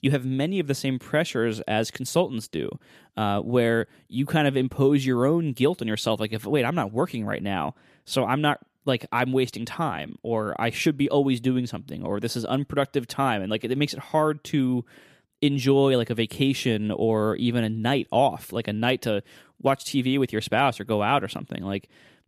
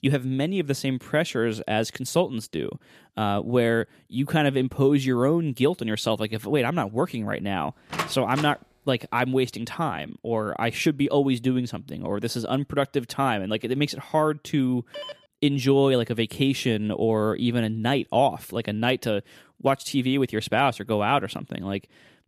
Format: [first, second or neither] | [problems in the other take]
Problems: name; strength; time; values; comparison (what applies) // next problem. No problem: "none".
first | door banging; noticeable; at 8 s; peak 6 dB below the speech // phone ringing; faint; at 15 s; peak 15 dB below the speech